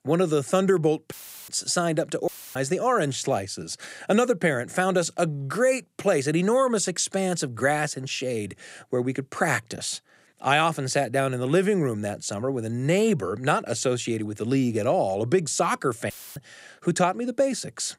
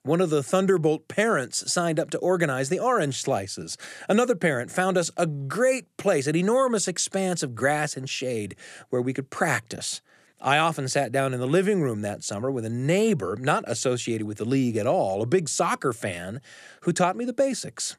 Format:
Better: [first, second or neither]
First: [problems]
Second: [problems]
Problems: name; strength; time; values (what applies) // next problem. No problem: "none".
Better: second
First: audio cutting out; filled with static; at 1 s, at 2.5 s and at 16 s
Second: none